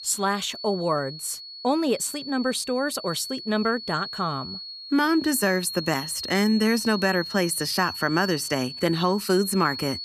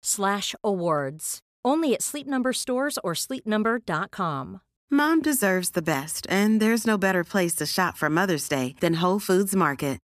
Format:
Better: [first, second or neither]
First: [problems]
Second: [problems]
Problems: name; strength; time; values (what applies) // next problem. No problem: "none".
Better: second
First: high-pitched whine; loud; throughout; 4.5 kHz, 9 dB below the speech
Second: none